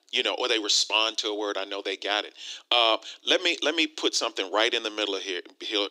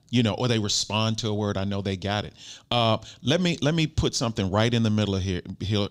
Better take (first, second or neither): second